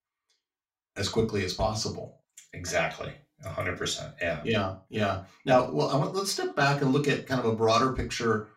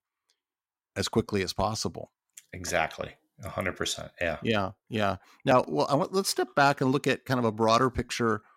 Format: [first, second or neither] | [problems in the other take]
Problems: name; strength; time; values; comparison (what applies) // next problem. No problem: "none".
second | room echo; slight; dies away in 0.3 s // off-mic speech; far